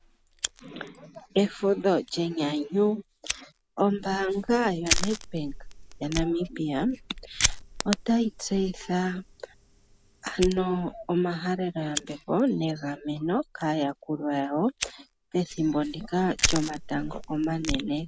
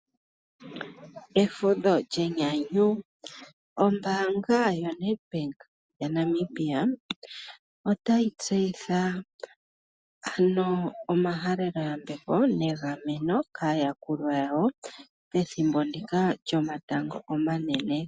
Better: second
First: background sound (Fire); 7 dB below the speech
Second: none

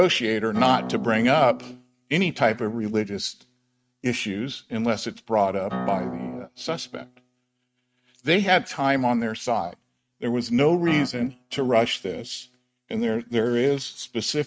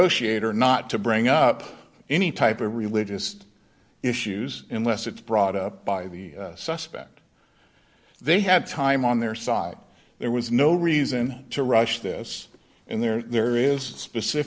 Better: second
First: noise reduction (neural mask model RNNoise)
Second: none

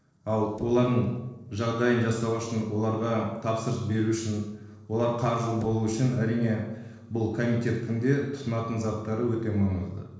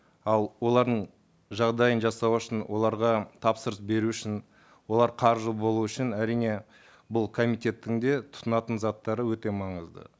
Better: second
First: noise reduction (neural separator model SepFormer DNS4)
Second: none

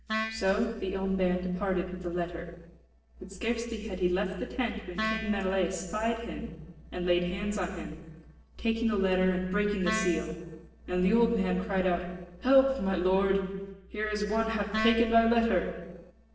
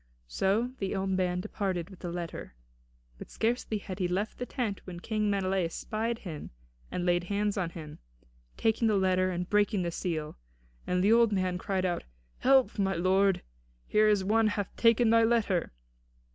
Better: second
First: noise reduction (neural separator model SepFormer DNS4)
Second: none

